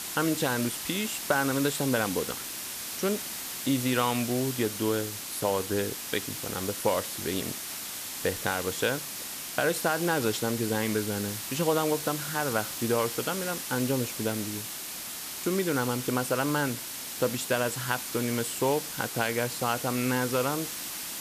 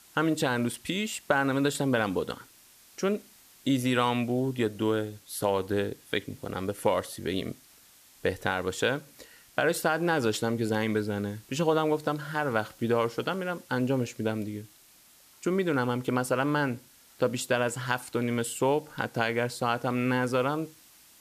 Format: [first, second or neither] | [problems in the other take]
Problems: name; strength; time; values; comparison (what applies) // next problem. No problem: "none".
second | hiss; loud; throughout; 4 dB below the speech; faint in the second